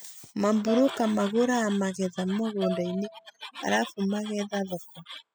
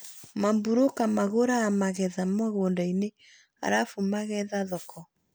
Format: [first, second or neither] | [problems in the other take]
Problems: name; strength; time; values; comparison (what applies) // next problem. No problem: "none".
second | noise reduction (classical method spectral subtraction)